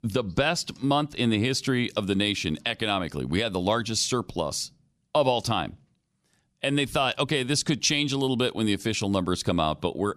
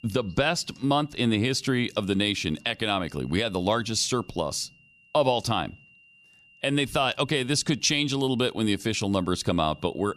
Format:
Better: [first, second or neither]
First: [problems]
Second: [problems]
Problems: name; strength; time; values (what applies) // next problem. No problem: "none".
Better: first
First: none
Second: high-pitched whine; faint; throughout; 3 kHz, 30 dB below the speech